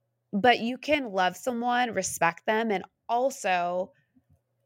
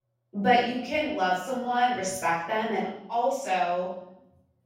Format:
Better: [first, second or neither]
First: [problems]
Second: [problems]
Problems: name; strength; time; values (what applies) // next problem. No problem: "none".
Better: first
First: none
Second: off-mic speech; far // room echo; noticeable; dies away in 0.7 s